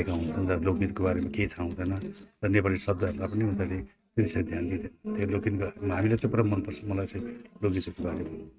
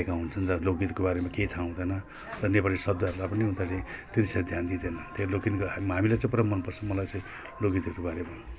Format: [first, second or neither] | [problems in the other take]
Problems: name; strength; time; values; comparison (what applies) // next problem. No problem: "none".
second | noise reduction (neural mask model RNNoise)